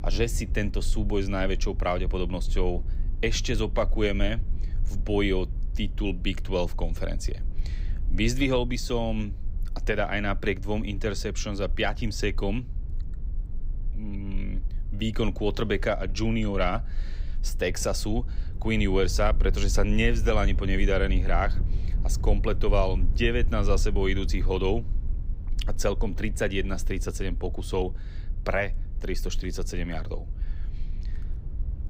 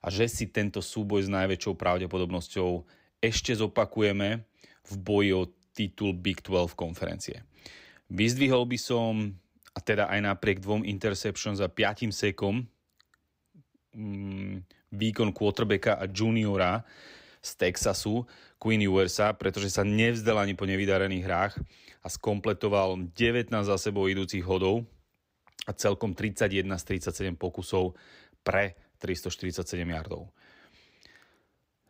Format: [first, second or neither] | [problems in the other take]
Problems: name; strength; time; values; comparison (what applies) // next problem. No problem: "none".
second | low rumble; faint; throughout; 20 dB below the speech